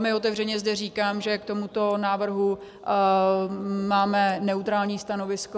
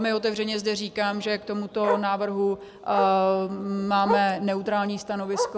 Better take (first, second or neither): first